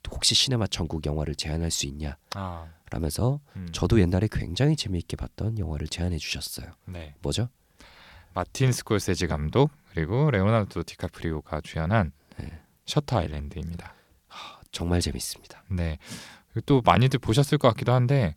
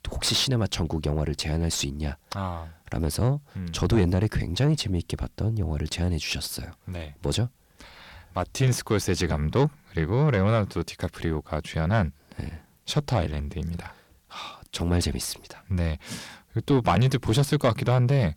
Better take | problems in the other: first | distortion; slight; 10 dB below the speech

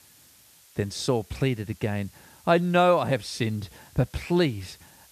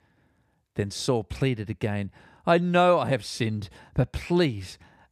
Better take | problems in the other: second | hiss; faint; throughout; 25 dB below the speech

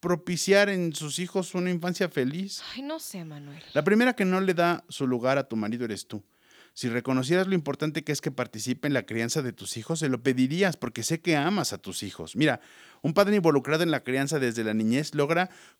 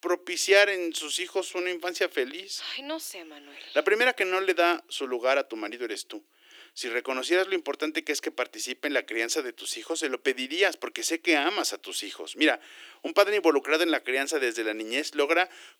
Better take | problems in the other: first | thin; very; fading below 300 Hz

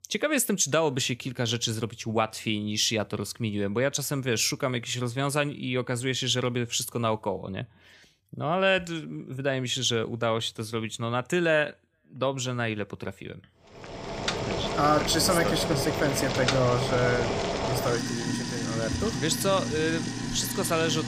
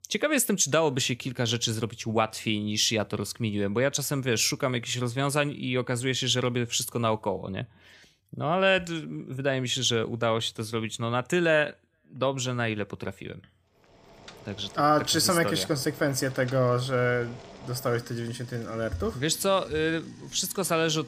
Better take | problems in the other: second | household noises; loud; from 14 s on; 3 dB below the speech; faint in the second

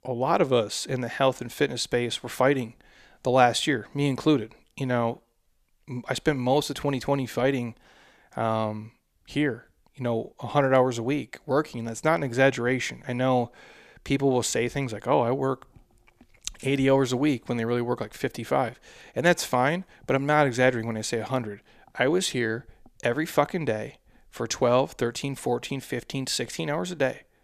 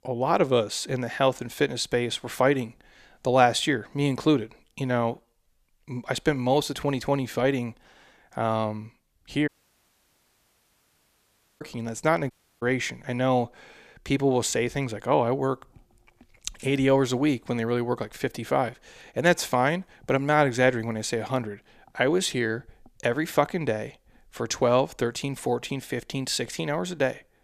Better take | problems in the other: first | audio cutting out; at 9.5 s for 2 s and at 12 s

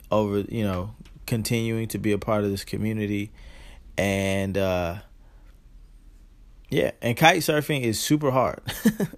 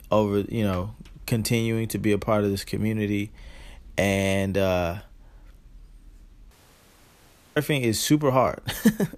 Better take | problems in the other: first | audio cutting out; at 6.5 s for 1 s

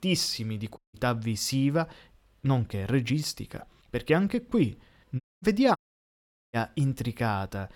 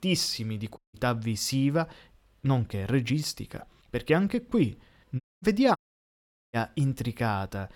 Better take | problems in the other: neither | audio cutting out; at 1 s, at 5 s and at 6 s for 1 s; the same in both

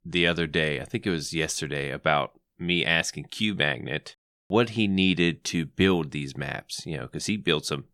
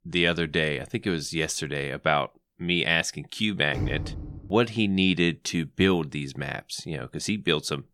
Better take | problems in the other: first | door banging; noticeable; at 3.5 s; peak 6 dB below the speech

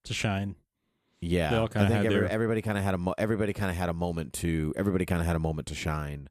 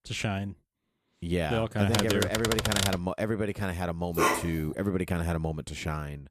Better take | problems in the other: first | keyboard typing; loud; from 2 to 3 s; peak 3 dB above the speech // dog barking; loud; at 4 s; peak 4 dB above the speech

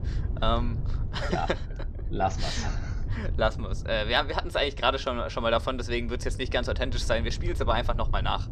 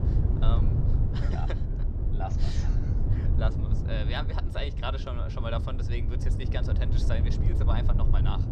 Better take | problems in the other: first | low rumble; loud; throughout; 4 dB below the speech; faint in the first

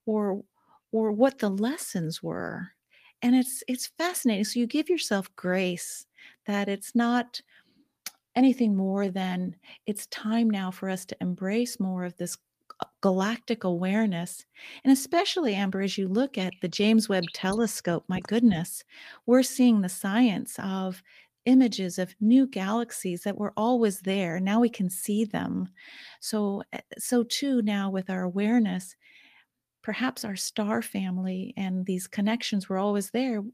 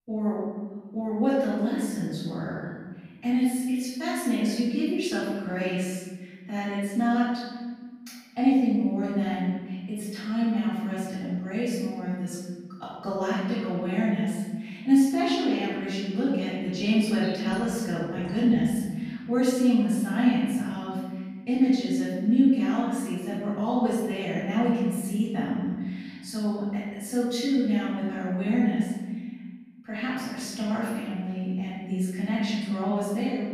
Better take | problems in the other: first | room echo; strong; dies away in 1.6 s // off-mic speech; far

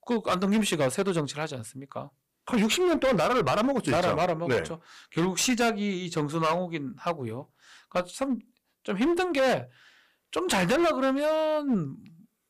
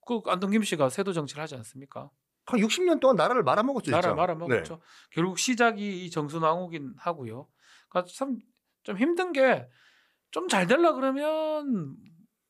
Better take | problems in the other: second | distortion; heavy; 13% of the sound clipped

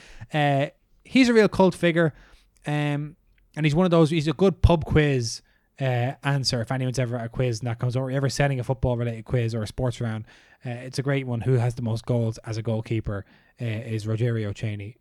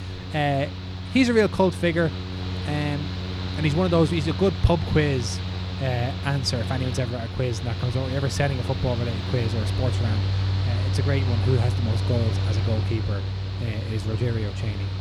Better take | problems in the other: first | machinery noise; loud; throughout; 2 dB below the speech

